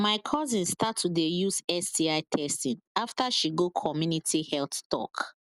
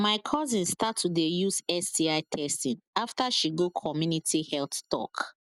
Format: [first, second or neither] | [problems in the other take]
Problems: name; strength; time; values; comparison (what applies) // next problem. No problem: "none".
first | noise reduction (neural mask model DeepFilterNet 3)